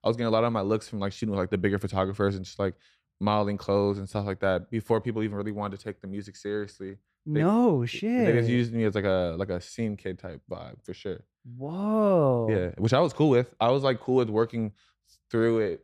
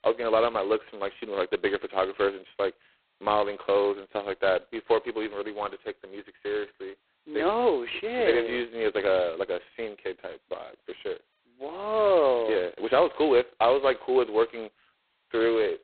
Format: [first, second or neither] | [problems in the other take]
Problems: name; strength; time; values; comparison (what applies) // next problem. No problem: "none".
first | phone-call audio; poor line; nothing above 4 kHz